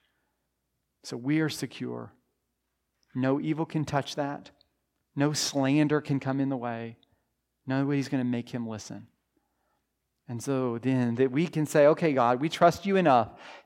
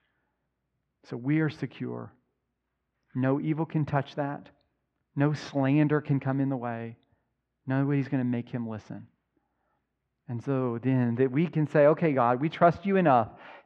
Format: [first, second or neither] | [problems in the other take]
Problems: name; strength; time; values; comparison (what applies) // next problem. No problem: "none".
first | muffled; very; fading above 2 kHz